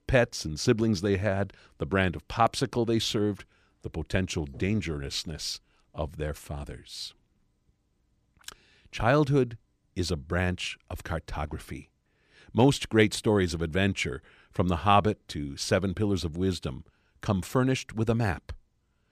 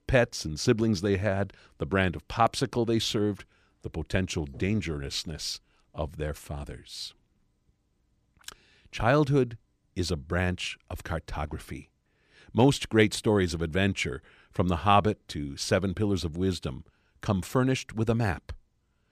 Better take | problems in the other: neither | none

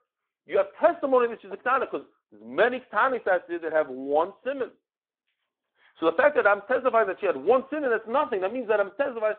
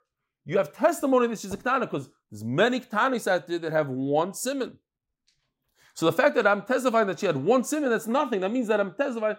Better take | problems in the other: second | phone-call audio; nothing above 3.5 kHz

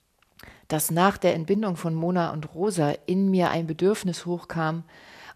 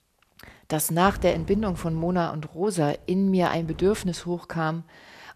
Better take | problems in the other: first | wind noise on the microphone; faint; from 1 to 2 s and from 3 to 4.5 s; 25 dB below the speech

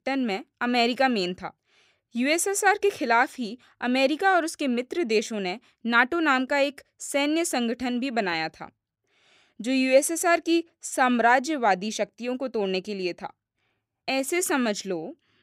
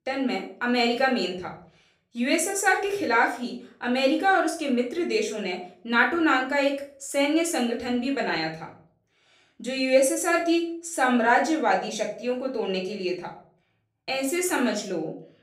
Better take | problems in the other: first | room echo; slight; dies away in 0.4 s // off-mic speech; far

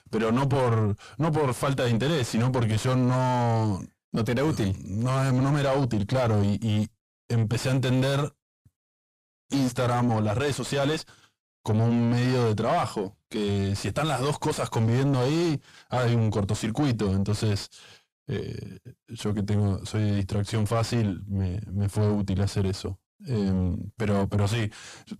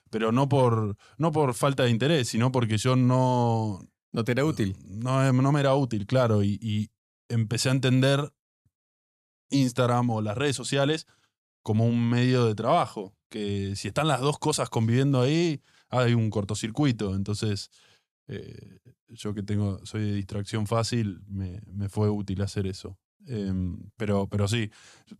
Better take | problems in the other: second | distortion; heavy; 7 dB below the speech

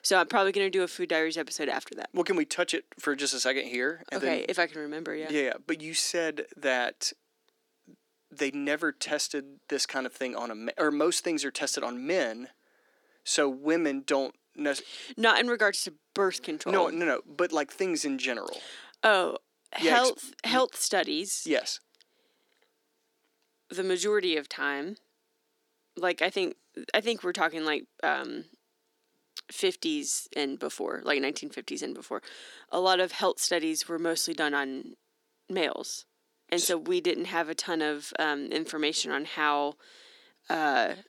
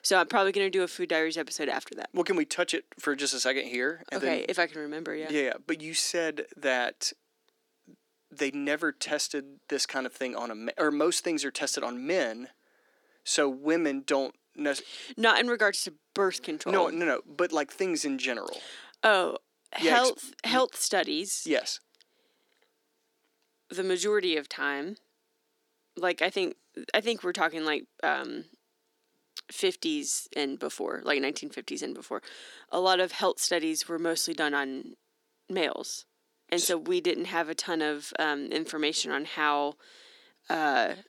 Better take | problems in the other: neither | thin; somewhat; fading below 250 Hz; the same in both

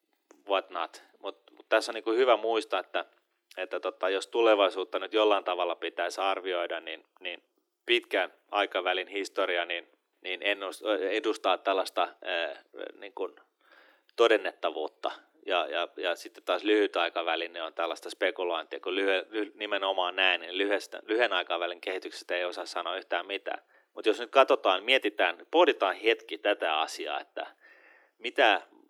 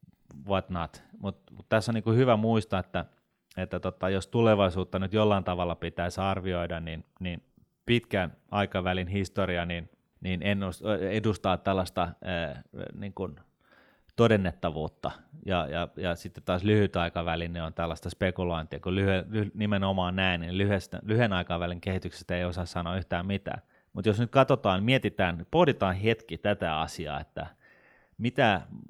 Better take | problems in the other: second | thin; very; fading below 300 Hz

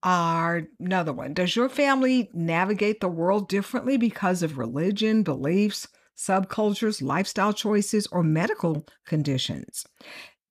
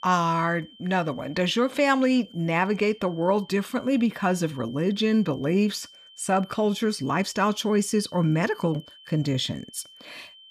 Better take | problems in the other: first | high-pitched whine; faint; throughout; 3 kHz, 25 dB below the speech

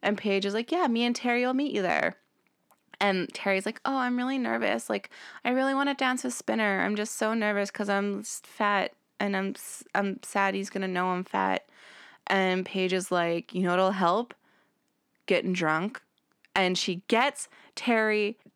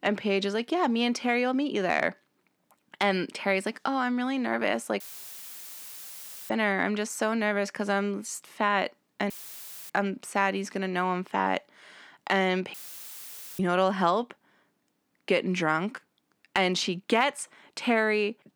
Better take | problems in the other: first | audio cutting out; filled with static; at 5 s for 1.5 s, at 9.5 s for 0.5 s and at 13 s for 1 s

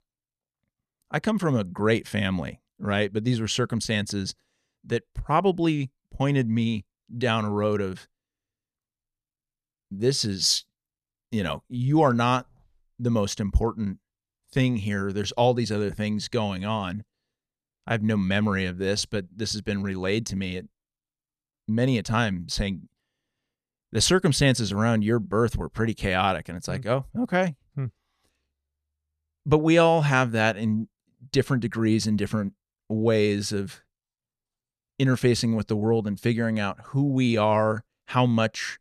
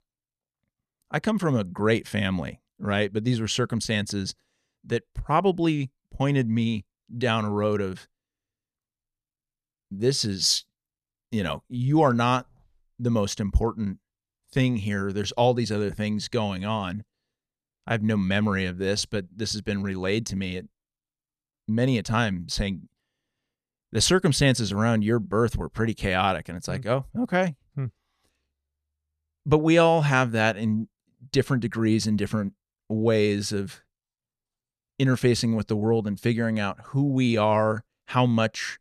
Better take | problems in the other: neither | none

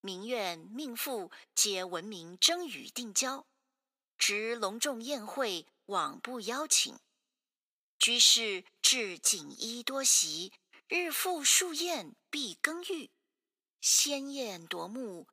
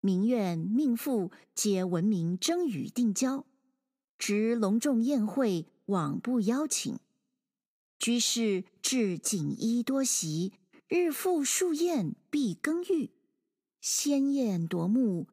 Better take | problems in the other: second | thin; very; fading below 750 Hz

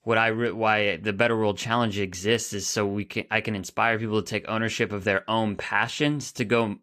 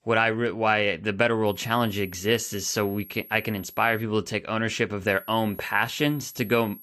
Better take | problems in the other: first | high-pitched whine; noticeable; from 1.5 to 4 s and from 5 s on; 11.5 kHz, 20 dB below the speech

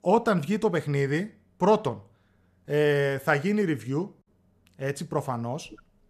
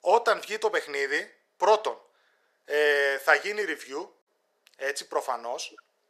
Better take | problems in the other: first | thin; very; fading below 450 Hz

